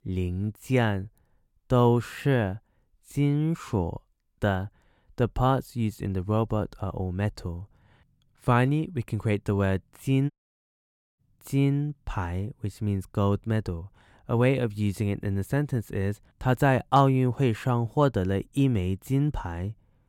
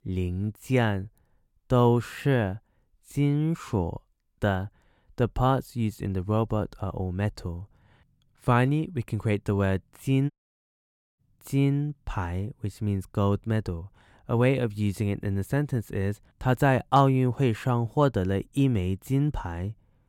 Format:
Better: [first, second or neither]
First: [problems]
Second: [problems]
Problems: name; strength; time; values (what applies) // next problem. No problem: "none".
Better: neither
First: audio cutting out; at 10 s for 1 s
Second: audio cutting out; at 10 s for 1 s